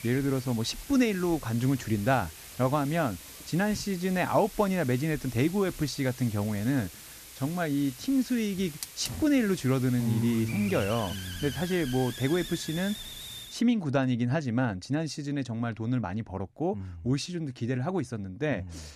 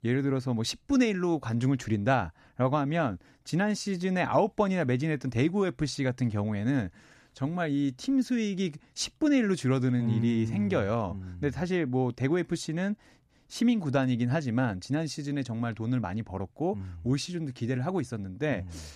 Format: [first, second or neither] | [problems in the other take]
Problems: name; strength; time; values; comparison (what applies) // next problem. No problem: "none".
second | hiss; noticeable; until 14 s; 10 dB below the speech